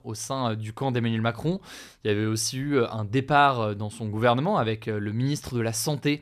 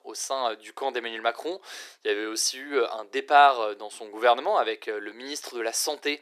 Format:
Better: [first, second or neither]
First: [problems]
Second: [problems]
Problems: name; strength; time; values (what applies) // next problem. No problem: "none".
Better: first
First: none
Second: thin; very; fading below 350 Hz